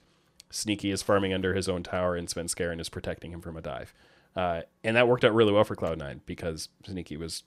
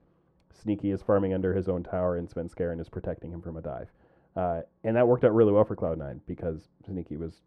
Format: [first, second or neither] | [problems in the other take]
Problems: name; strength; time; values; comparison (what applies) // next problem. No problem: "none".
first | muffled; very; fading above 2 kHz